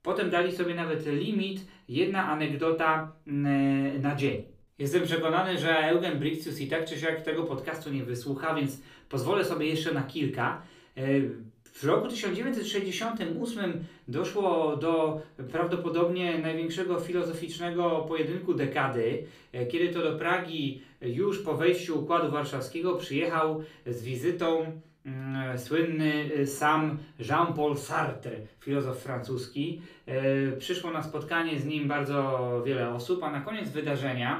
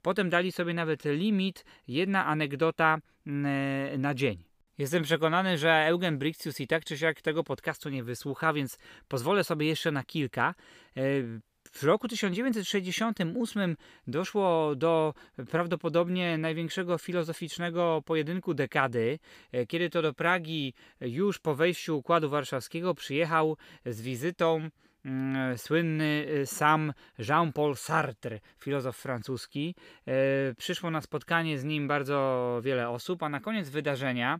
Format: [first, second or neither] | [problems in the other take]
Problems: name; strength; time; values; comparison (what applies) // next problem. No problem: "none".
second | off-mic speech; far // room echo; slight; dies away in 0.3 s